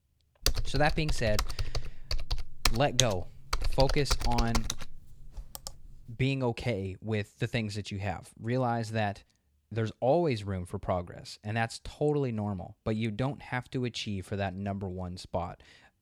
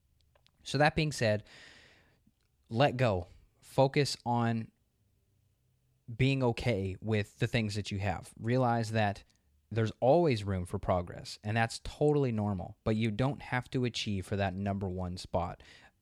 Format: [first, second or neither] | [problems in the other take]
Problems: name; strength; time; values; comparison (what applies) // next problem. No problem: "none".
second | keyboard typing; loud; until 5.5 s; peak 4 dB above the speech